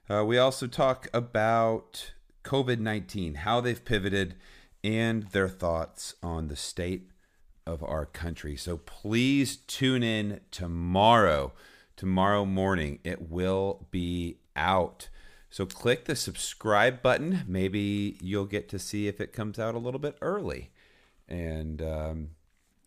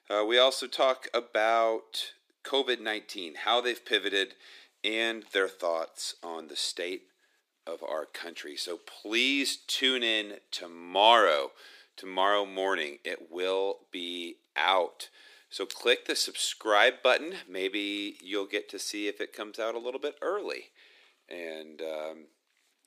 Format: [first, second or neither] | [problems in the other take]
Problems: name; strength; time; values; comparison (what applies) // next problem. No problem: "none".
first | thin; somewhat; fading below 300 Hz